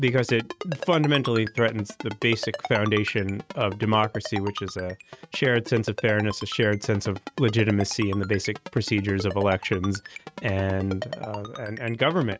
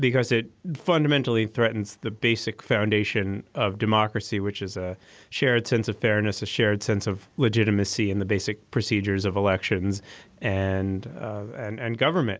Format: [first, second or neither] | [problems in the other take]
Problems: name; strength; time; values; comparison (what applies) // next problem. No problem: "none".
second | noise reduction (neural mask model RNNoise)